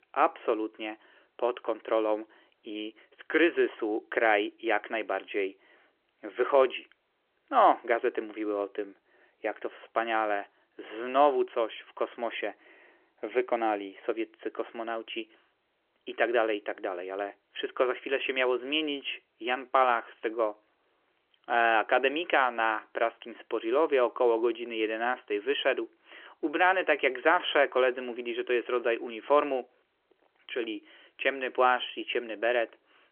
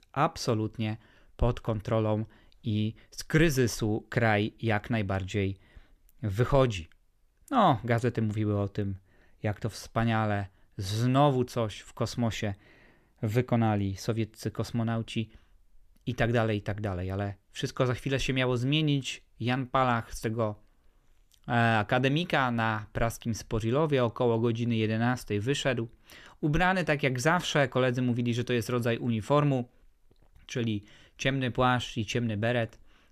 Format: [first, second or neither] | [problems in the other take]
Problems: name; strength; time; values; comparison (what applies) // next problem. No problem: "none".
second | phone-call audio; nothing above 3.5 kHz